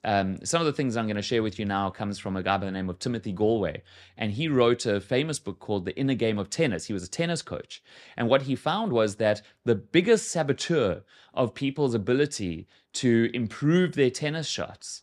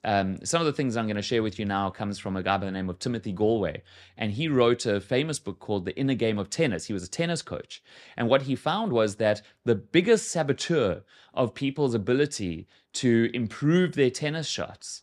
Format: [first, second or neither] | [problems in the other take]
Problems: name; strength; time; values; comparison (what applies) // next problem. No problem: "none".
neither | none